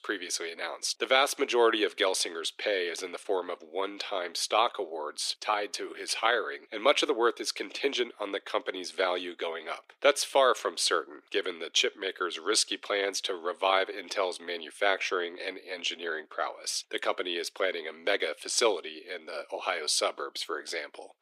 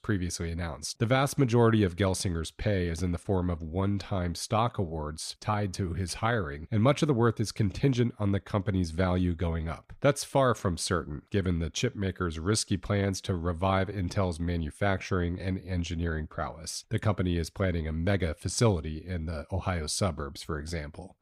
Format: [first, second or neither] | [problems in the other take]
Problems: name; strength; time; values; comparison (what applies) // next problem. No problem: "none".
second | thin; very; fading below 350 Hz